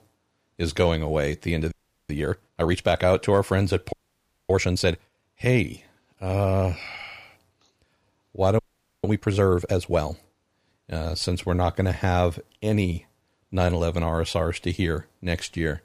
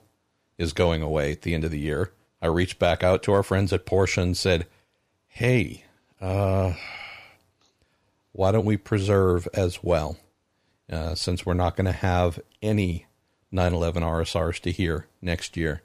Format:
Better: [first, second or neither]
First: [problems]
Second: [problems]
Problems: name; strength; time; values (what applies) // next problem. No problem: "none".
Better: second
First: audio freezing; at 1.5 s, at 4 s for 0.5 s and at 8.5 s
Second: none